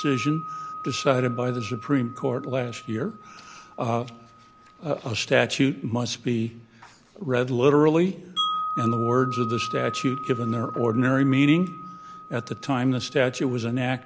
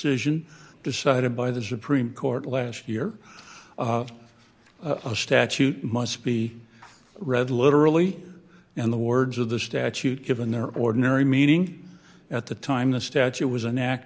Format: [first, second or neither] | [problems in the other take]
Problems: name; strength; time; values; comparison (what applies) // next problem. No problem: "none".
second | background sound (Wind chime); 11 dB below the speech